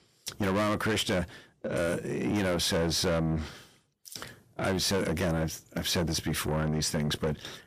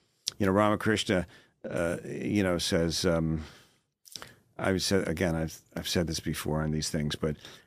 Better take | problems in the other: second | distortion; heavy; 6 dB below the speech

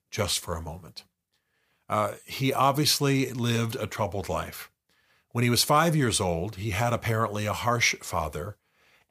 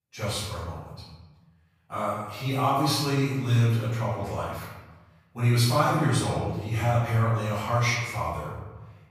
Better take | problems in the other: first | off-mic speech; far // room echo; strong; dies away in 1.2 s

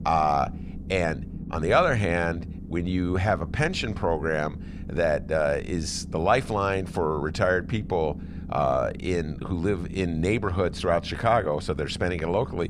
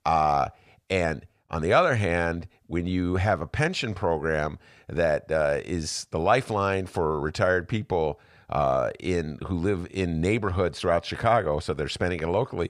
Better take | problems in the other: second | low rumble; faint; throughout; 20 dB below the speech

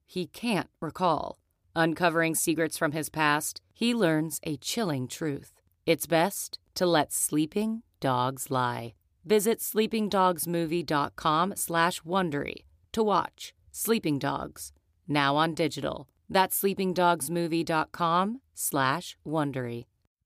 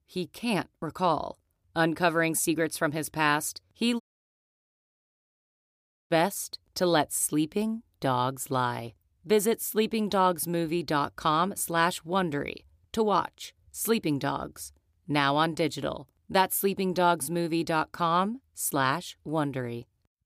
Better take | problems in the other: first | audio cutting out; at 4 s for 2 s

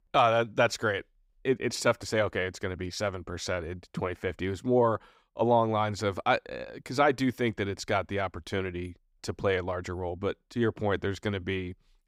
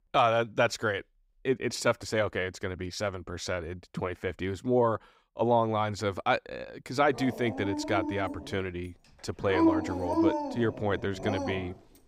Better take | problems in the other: first | dog barking; loud; from 7 s on; peak 5 dB above the speech

